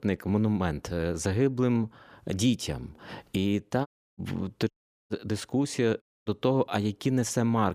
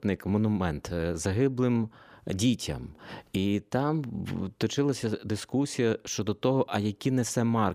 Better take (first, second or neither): second